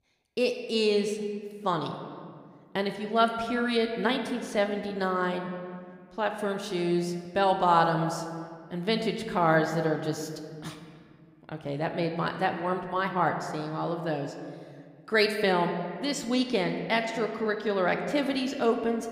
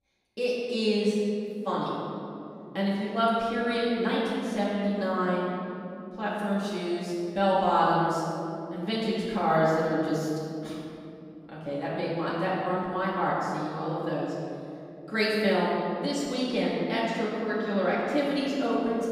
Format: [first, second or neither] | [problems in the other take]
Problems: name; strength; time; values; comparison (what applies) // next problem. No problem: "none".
first | room echo; strong; dies away in 2.7 s; slight in the first // off-mic speech; far